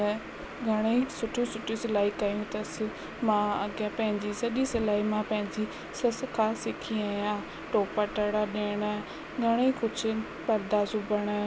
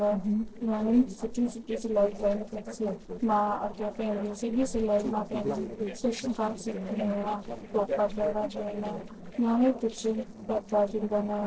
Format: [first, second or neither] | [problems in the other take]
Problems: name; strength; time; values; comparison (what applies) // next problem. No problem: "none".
first | noise reduction (neural separator model SepFormer DNS4)